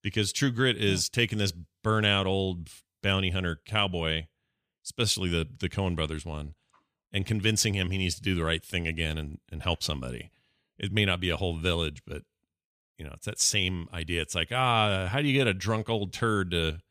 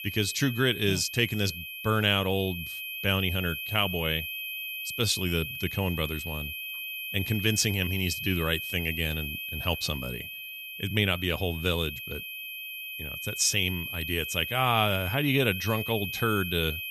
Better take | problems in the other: first | high-pitched whine; loud; throughout; 2.5 kHz, 6 dB below the speech

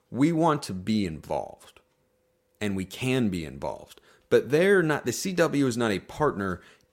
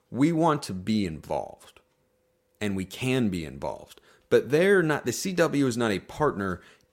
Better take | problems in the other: neither | none

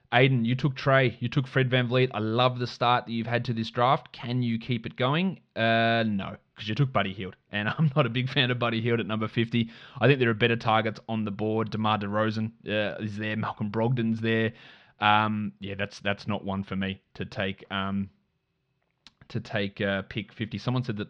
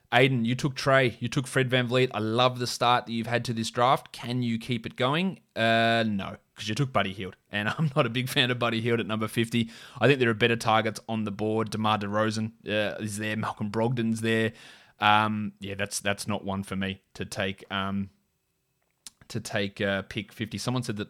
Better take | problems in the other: second | muffled; very slightly; fading above 4 kHz

